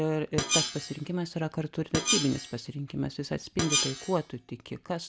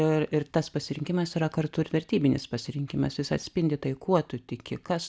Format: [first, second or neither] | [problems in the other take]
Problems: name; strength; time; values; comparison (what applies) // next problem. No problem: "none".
second | background sound (Screech); 1 dB below the speech